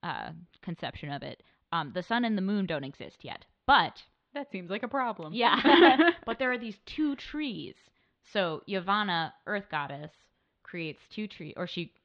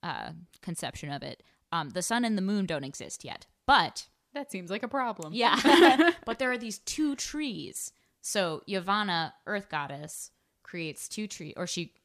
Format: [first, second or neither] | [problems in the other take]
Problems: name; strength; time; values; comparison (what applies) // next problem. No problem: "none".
second | muffled; slightly; fading above 3.5 kHz